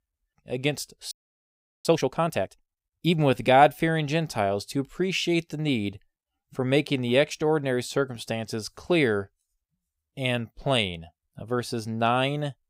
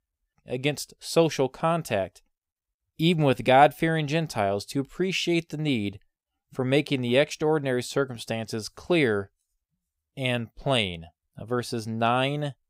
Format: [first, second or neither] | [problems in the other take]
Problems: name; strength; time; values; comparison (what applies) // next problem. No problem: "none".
second | audio freezing; at 1 s for 0.5 s